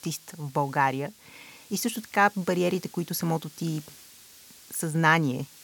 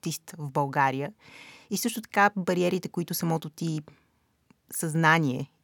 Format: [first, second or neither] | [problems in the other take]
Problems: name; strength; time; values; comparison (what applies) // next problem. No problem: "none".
second | hiss; faint; throughout; 20 dB below the speech